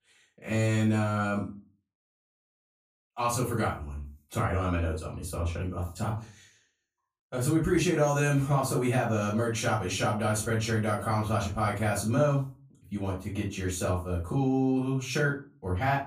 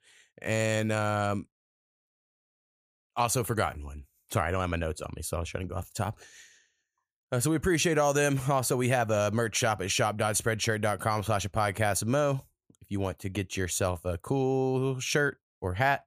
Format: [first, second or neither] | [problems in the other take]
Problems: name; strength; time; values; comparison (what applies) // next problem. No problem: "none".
second | off-mic speech; far // room echo; slight; dies away in 0.3 s